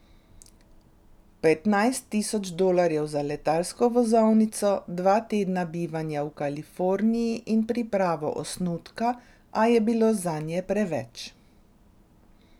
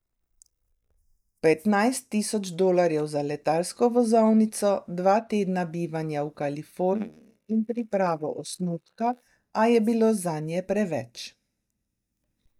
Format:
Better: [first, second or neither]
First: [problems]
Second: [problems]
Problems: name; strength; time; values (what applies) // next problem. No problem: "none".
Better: first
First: none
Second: noise reduction (neural mask model DeepFilterNet 3)